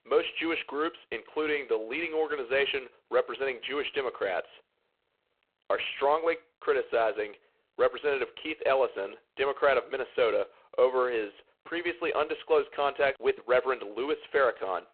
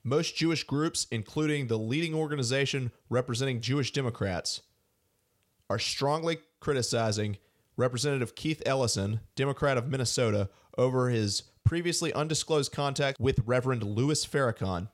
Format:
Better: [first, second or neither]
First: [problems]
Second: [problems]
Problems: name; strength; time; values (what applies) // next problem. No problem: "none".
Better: second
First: phone-call audio; poor line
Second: none